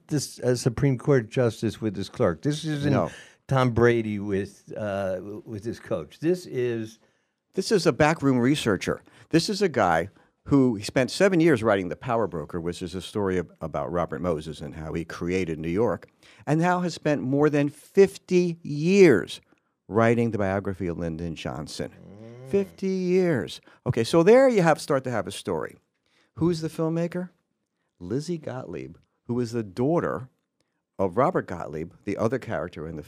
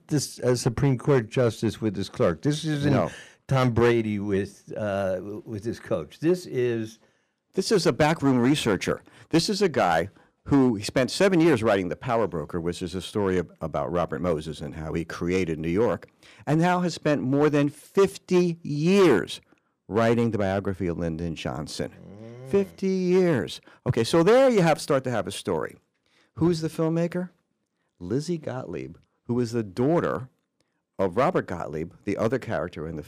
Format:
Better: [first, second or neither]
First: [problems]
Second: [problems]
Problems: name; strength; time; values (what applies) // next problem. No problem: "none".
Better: first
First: none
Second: distortion; slight; 3% of the sound clipped